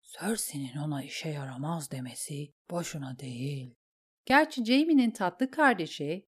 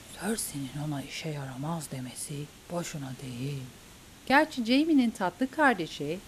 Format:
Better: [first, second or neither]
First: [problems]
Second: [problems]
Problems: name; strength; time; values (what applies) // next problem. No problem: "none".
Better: first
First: none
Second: hiss; faint; throughout; 20 dB below the speech